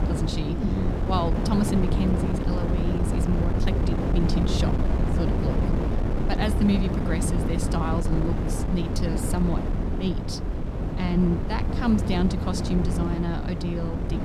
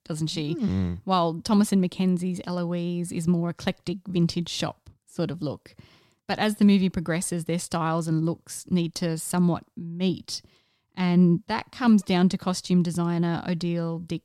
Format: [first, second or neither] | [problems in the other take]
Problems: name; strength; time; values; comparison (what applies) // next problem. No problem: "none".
second | wind noise on the microphone; heavy; 1 dB below the speech